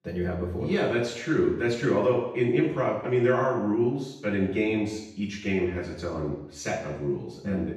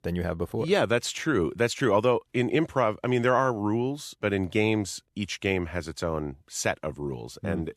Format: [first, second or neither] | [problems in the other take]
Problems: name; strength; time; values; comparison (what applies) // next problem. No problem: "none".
second | room echo; noticeable; dies away in 0.8 s // off-mic speech; far